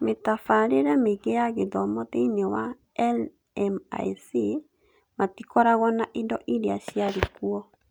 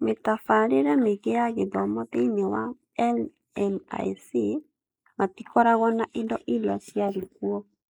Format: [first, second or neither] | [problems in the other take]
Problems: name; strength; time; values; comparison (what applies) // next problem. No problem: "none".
first | noise reduction (neural mask model Resemble Enhance denoiser)